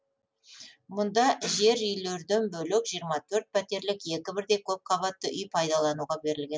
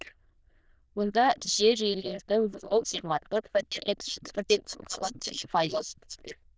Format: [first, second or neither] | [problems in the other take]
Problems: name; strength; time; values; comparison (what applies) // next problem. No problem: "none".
first | noise reduction (neural diffusion model UNIVERSE++)